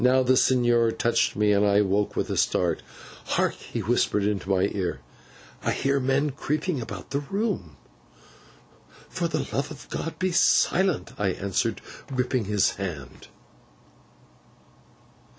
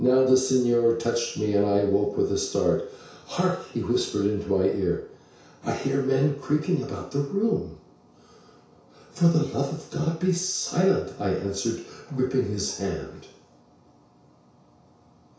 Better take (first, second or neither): first